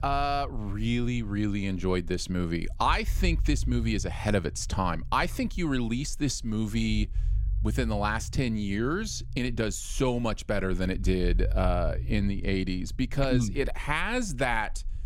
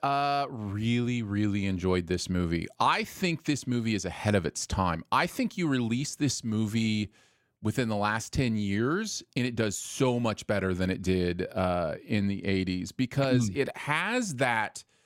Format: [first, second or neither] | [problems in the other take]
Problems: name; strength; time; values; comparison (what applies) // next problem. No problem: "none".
second | low rumble; faint; throughout; 25 dB below the speech